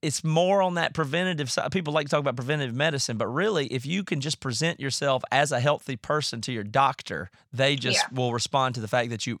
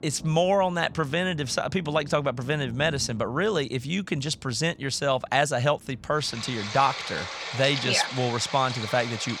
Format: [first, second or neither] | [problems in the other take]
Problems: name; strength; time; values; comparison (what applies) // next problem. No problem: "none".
first | rain or running water; loud; throughout; 10 dB below the speech